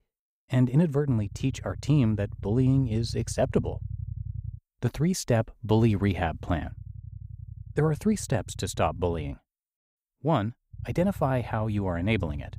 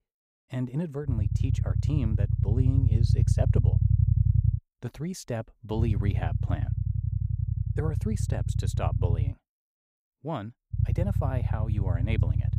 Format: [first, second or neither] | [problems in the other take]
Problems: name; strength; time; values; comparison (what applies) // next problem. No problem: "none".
first | low rumble; loud; from 1 to 4.5 s, from 6 to 9.5 s and from 11 s on; 3 dB below the speech; faint in the first